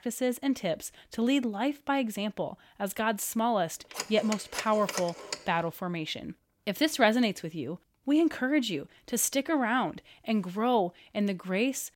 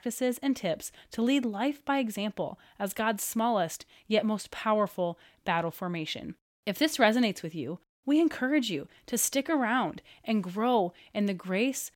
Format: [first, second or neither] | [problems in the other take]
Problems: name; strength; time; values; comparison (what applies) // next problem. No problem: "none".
second | phone ringing; noticeable; from 4 to 5.5 s; peak 6 dB below the speech